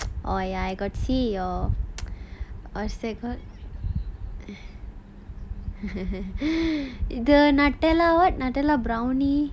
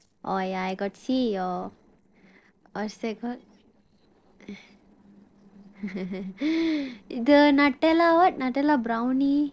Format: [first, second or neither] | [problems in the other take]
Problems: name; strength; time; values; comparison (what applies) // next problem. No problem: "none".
first | noise reduction (neural separator model SepFormer DNS4)